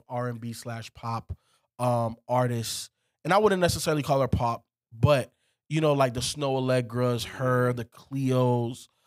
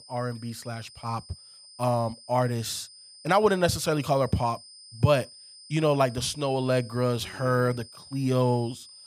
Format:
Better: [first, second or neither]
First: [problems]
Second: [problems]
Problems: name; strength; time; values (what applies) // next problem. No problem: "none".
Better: first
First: none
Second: high-pitched whine; noticeable; throughout; 5 kHz, 20 dB below the speech